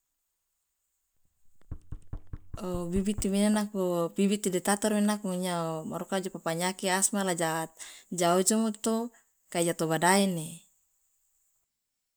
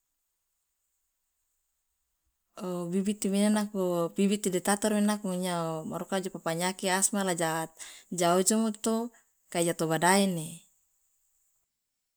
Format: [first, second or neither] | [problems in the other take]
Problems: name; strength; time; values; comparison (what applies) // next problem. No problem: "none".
second | background sound (Knock); 11 dB below the speech